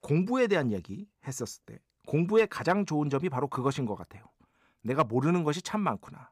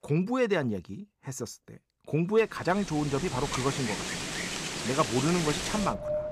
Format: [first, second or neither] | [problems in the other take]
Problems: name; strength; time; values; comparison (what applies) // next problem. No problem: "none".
first | wind in the background; loud; from 3 s on; 4 dB below the speech